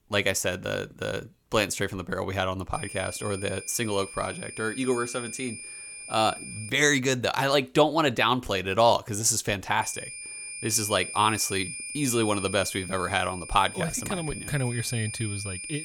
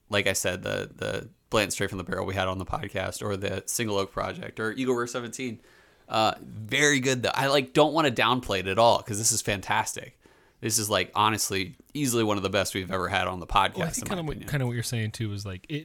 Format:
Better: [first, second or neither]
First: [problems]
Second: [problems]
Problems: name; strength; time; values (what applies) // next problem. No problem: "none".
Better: second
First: high-pitched whine; loud; from 2.5 to 6.5 s and from 10 s on; 2.5 kHz, 10 dB below the speech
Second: none